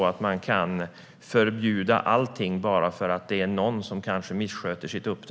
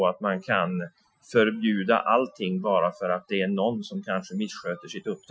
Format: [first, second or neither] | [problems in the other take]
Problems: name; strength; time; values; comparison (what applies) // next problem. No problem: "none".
first | noise reduction (classical method Wiener filter)